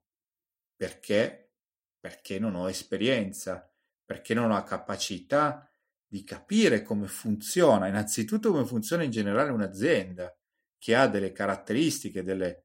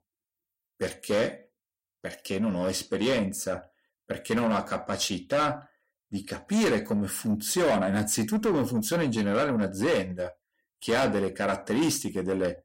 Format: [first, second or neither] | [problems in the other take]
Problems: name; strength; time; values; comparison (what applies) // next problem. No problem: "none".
first | distortion; heavy; 7 dB below the speech